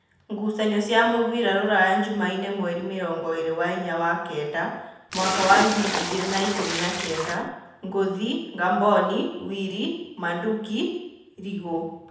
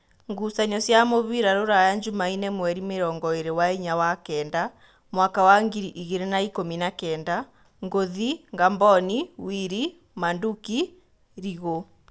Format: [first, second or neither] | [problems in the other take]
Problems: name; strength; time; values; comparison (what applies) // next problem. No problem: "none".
second | background sound (Splash, splatter); 3 dB below the speech // room echo; dies away in 0.8 s